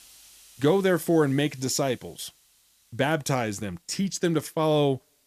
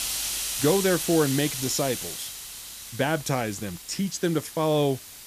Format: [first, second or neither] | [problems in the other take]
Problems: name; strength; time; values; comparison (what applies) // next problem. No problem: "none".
first | hiss; loud; throughout; 6 dB below the speech; faint in the first